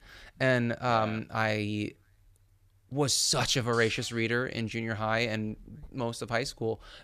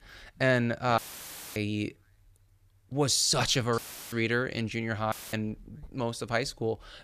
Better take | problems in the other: first | audio cutting out; filled with static; at 1 s for 0.5 s, at 4 s and at 5 s

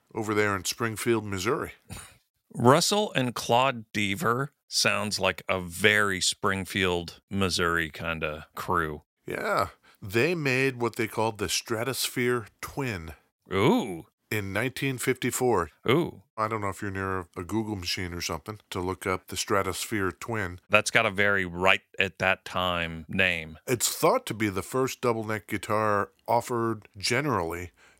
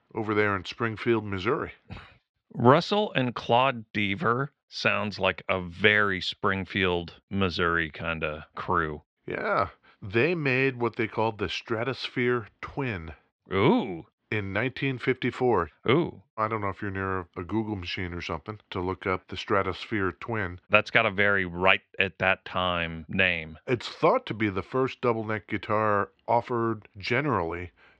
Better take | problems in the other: first | muffled; slightly; fading above 3.5 kHz

